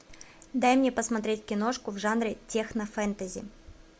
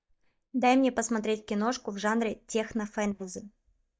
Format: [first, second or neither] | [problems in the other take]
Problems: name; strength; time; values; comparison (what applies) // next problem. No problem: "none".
first | noise reduction (neural mask model DeepFilterNet 3)